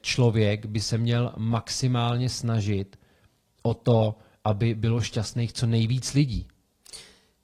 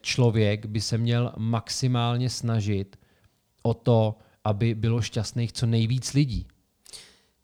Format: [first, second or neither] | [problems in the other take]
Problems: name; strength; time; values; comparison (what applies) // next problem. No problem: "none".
second | garbled, watery; slightly